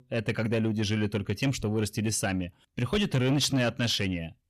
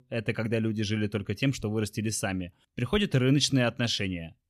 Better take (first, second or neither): second